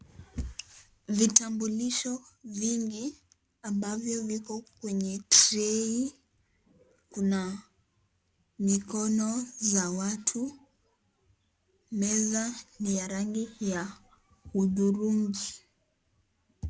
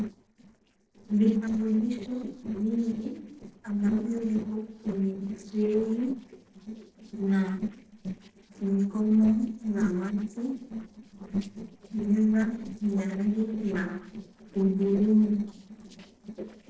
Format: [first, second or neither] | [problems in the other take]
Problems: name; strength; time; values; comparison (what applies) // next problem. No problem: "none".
first | noise reduction (neural separator model SepFormer DNS4)